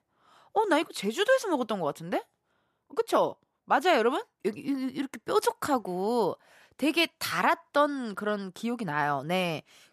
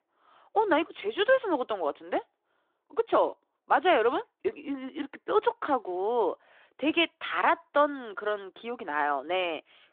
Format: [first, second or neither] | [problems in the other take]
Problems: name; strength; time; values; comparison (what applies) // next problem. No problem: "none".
first | phone-call audio; nothing above 3.5 kHz